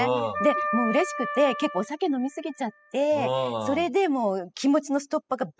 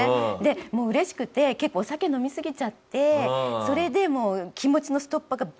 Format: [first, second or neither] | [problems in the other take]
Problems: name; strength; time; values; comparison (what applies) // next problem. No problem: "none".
second | noise reduction (classical method spectral subtraction)